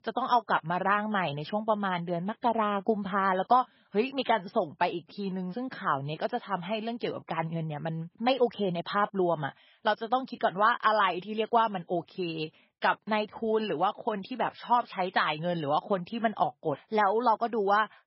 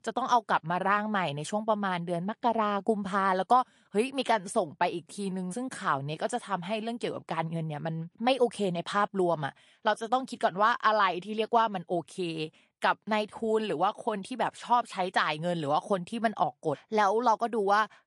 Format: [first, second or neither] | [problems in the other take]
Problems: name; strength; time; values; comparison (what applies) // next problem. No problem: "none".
second | garbled, watery; badly; nothing above 5.5 kHz; slightly in the second